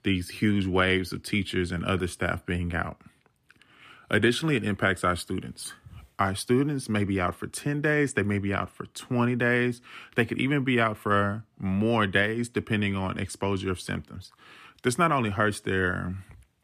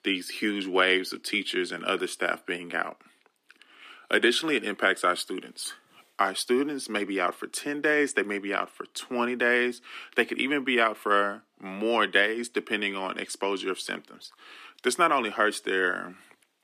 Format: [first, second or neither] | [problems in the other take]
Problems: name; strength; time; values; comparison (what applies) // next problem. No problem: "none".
first | thin; somewhat; fading below 300 Hz